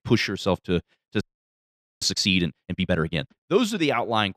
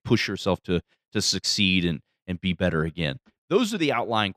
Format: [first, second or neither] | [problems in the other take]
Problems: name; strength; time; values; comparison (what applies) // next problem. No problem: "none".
second | audio freezing; at 1 s for 1 s